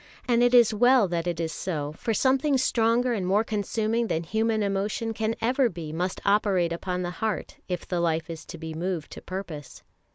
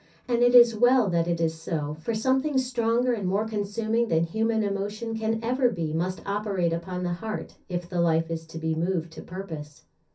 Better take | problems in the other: first | room echo; dies away in 0.3 s

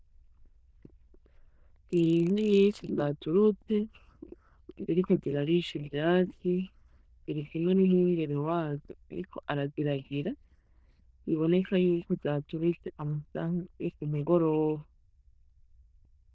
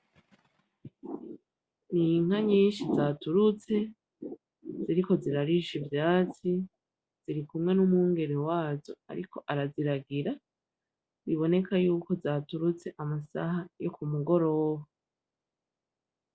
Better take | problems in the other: second | noise reduction (neural diffusion model UNIVERSE++)

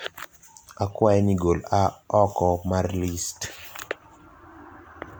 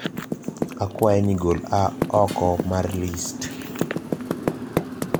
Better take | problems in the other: first | background sound (Motorcycle + Typing); 5 dB below the speech

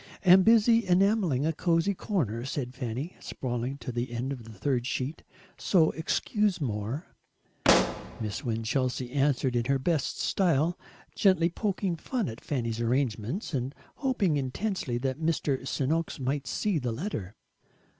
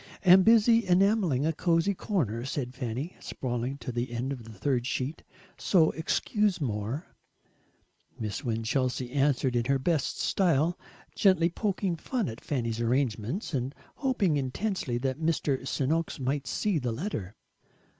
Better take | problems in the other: second | background sound (Explosion); 2 dB below the speech

